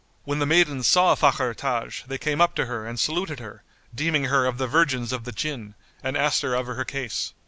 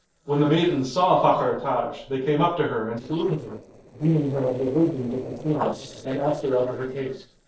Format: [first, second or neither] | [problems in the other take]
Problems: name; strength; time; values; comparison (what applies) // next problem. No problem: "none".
first | noise reduction (neural separator model SepFormer DNS4)